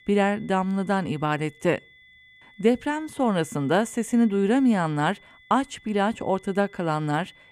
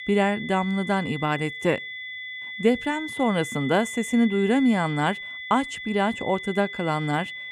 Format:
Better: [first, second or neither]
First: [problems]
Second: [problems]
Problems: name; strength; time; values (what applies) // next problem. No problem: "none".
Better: first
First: high-pitched whine; faint; throughout; 2 kHz, 25 dB below the speech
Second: high-pitched whine; loud; throughout; 2 kHz, 9 dB below the speech